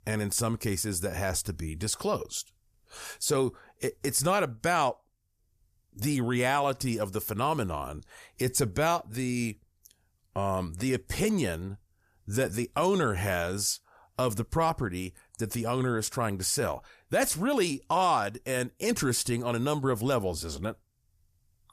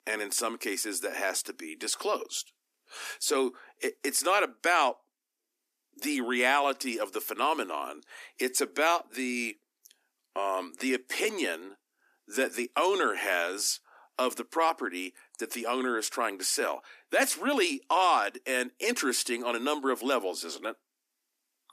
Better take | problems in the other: first | thin; very slightly; fading below 250 Hz

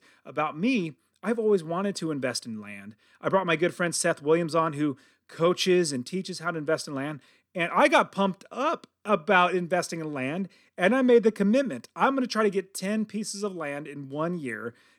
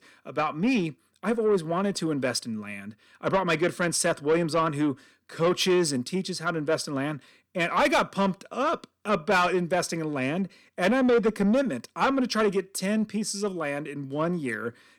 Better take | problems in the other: first | distortion; slight; 10 dB below the speech

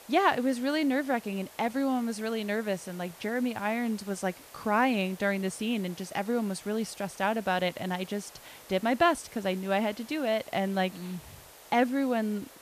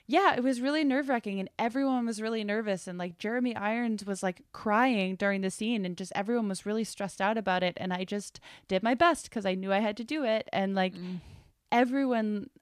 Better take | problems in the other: second | hiss; noticeable; throughout; 20 dB below the speech

